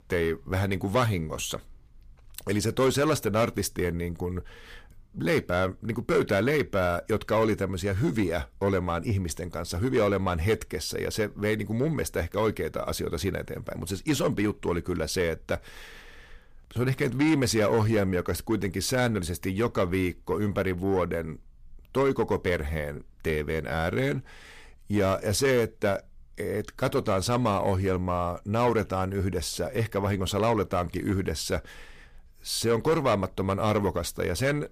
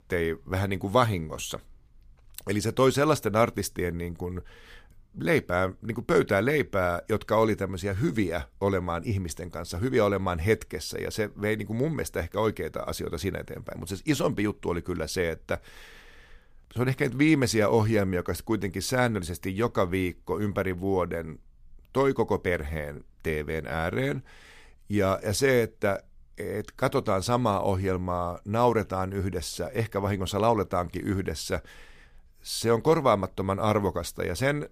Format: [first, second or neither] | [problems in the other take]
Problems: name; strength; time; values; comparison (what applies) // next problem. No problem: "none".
second | distortion; slight; 10 dB below the speech